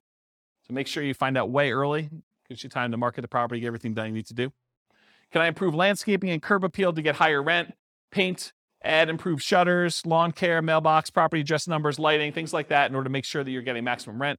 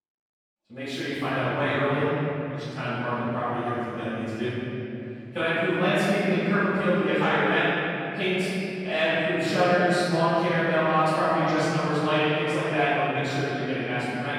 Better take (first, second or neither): first